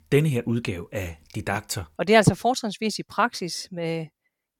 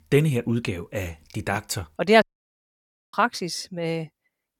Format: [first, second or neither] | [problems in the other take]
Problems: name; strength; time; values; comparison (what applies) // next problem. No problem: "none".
first | audio cutting out; at 2 s for 1 s